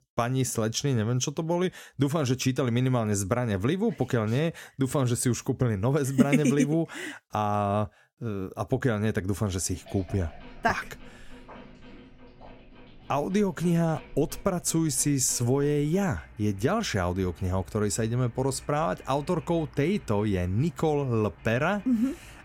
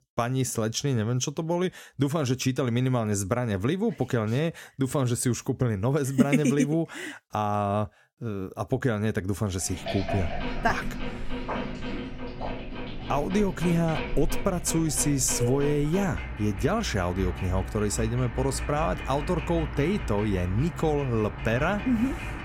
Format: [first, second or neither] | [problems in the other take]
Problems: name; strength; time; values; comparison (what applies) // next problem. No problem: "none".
first | household noises; loud; from 10 s on; 8 dB below the speech; faint in the first